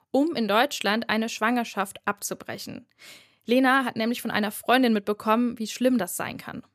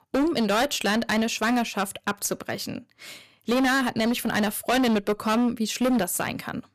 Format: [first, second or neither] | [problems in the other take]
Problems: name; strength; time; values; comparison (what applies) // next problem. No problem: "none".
first | distortion; heavy; 17% of the sound clipped